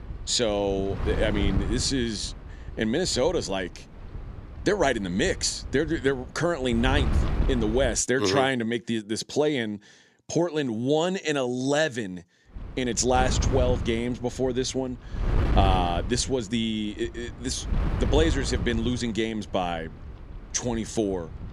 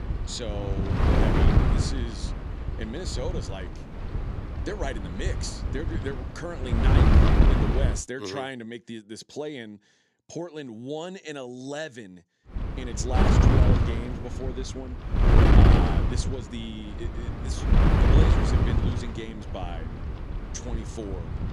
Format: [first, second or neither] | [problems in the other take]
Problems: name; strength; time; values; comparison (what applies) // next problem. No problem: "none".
first | wind noise on the microphone; heavy; until 8 s and from 13 s on; 5 dB above the speech; occasional gusts in the first